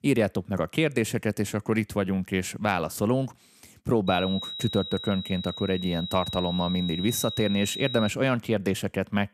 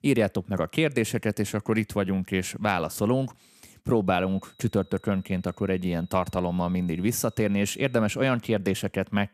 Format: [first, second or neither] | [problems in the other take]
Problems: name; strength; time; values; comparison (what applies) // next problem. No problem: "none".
second | high-pitched whine; loud; from 4 to 8 s; 4 kHz, 7 dB below the speech; faint in the second